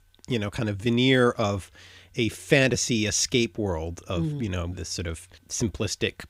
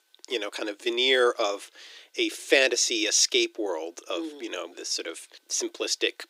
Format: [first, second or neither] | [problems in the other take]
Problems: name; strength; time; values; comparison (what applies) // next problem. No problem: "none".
first | thin; very; fading below 300 Hz